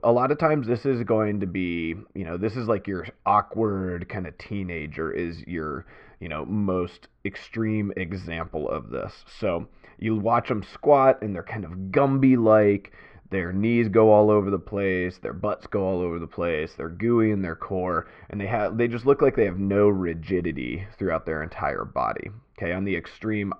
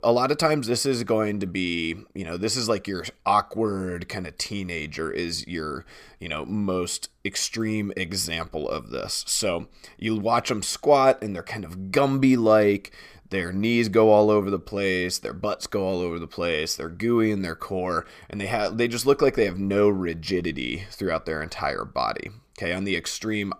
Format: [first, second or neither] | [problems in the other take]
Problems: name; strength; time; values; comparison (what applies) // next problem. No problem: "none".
second | muffled; very; fading above 2 kHz